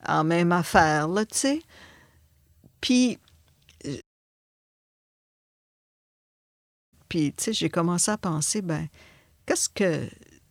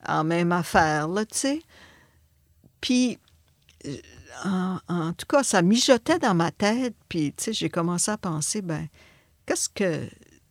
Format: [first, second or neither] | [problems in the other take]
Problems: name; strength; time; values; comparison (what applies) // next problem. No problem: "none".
second | audio cutting out; at 4 s for 3 s